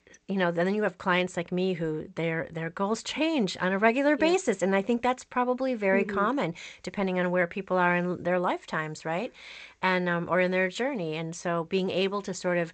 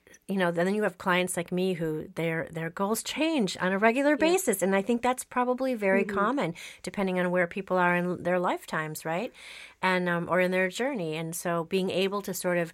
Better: second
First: garbled, watery; slightly; nothing above 8 kHz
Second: none

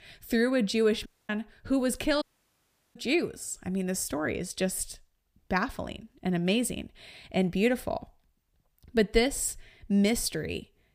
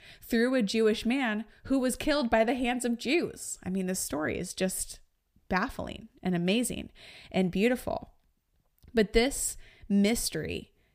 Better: second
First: audio cutting out; at 1 s and at 2 s for 0.5 s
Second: none

